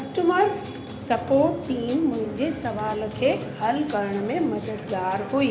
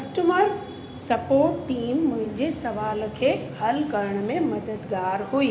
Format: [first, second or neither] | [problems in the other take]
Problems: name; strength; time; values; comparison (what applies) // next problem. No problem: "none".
second | background sound (Acoustic guitar); 15 dB below the speech